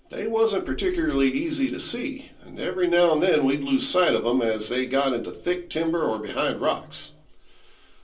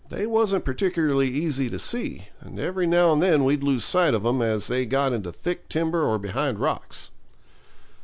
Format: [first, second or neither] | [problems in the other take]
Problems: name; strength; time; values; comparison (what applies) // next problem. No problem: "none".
second | room echo; dies away in 0.3 s